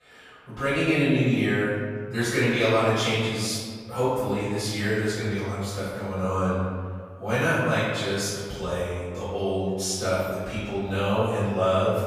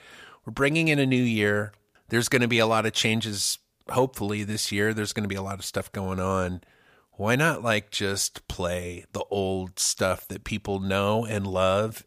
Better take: second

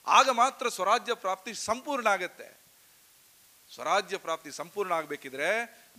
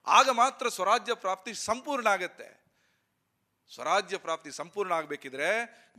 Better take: second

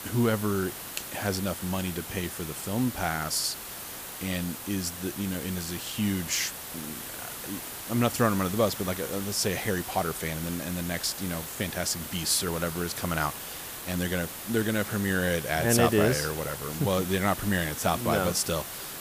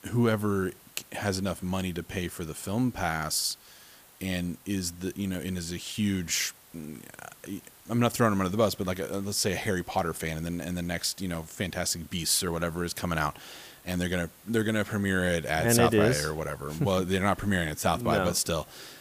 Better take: second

